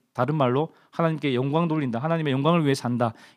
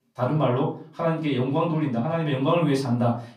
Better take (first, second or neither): first